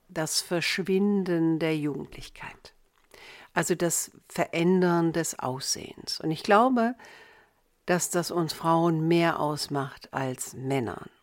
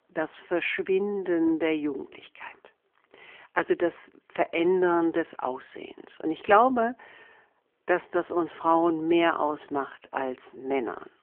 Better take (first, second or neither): first